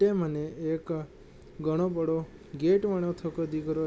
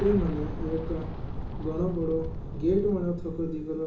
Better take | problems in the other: first | background sound (Boom); 5 dB below the speech // room echo; dies away in 0.8 s

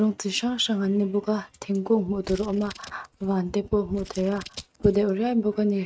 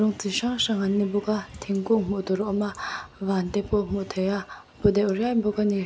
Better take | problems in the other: second | noise reduction (neural mask model RNNoise)

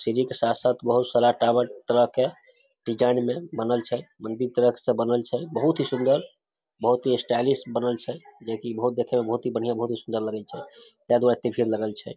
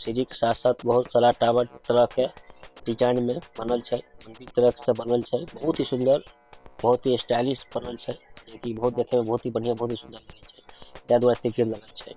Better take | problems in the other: first | noise reduction (neural separator model SepFormer WHAM!)

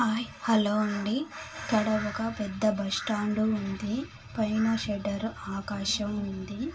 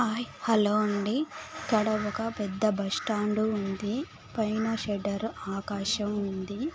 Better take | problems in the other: second | room echo; dies away in 0.2 s

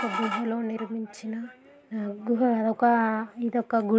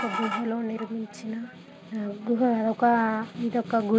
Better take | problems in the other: first | background sound (Snare drum); 18 dB below the speech

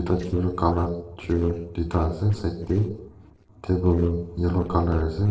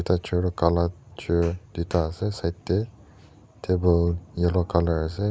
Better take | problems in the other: second | noise reduction (neural separator model SepFormer DNS4)

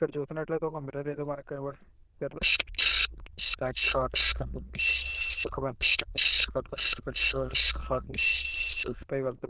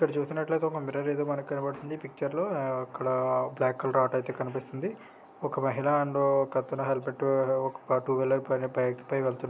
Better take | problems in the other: second | noise reduction (neural diffusion model UNIVERSE++)

